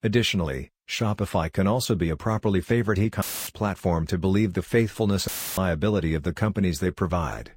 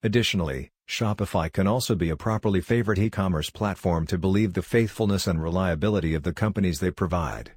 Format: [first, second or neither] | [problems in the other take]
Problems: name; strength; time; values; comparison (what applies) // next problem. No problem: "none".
second | audio cutting out; filled with static; at 3 s and at 5.5 s